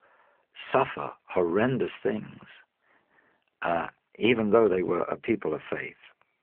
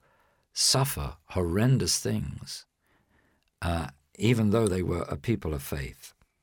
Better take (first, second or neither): second